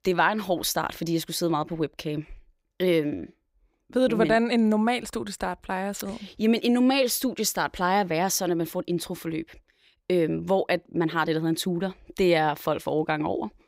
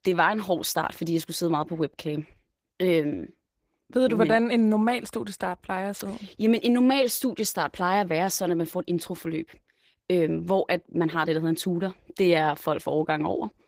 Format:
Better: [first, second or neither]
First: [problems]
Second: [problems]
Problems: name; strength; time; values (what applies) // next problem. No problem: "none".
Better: first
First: none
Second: garbled, watery; slightly; nothing above 15.5 kHz